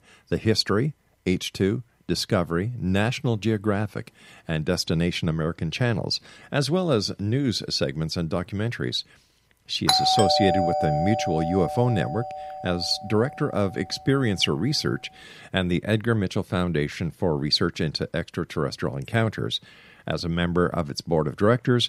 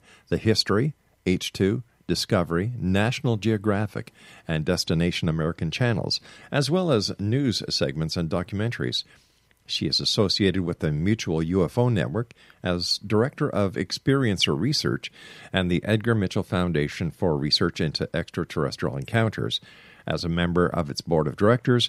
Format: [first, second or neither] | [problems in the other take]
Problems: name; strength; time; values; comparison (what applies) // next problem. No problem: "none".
second | doorbell; loud; from 10 to 12 s; peak 4 dB above the speech